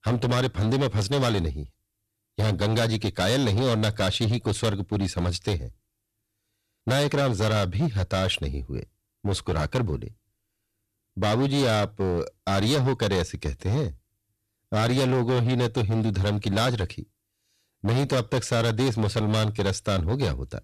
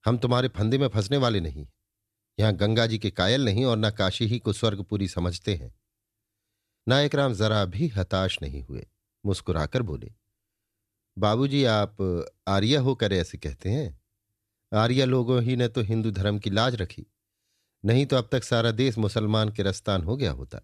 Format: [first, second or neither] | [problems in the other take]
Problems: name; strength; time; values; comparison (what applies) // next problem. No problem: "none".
second | distortion; heavy; 17% of the sound clipped